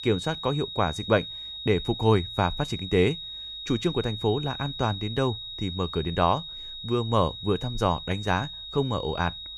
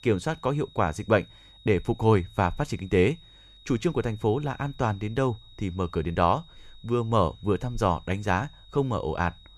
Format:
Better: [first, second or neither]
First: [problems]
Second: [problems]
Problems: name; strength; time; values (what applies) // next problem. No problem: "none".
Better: second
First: high-pitched whine; loud; throughout; 4 kHz, 8 dB below the speech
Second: high-pitched whine; faint; throughout; 4 kHz, 25 dB below the speech